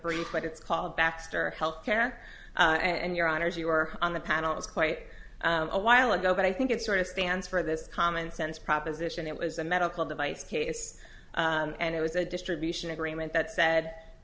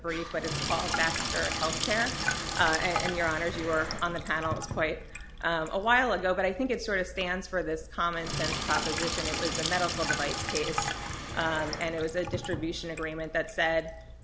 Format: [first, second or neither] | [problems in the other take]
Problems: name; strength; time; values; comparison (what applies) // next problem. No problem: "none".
first | background sound (Sink (filling or washing)); 4 dB below the speech